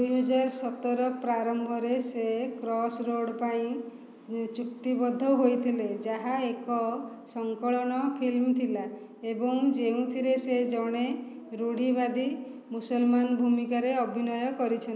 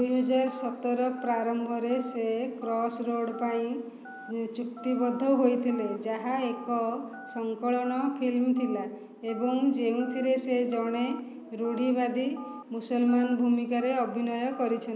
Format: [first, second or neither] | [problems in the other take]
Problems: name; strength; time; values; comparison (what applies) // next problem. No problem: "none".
first | background sound (Telephone); 19 dB below the speech